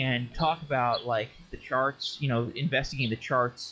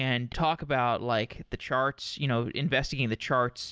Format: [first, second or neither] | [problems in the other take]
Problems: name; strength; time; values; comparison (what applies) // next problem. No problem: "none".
second | noise reduction (classical method log-MMSE)